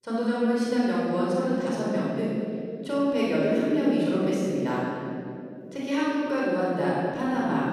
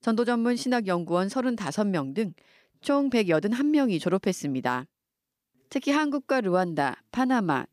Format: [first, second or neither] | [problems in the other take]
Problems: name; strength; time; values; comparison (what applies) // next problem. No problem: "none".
second | room echo; strong; dies away in 2.7 s // off-mic speech; far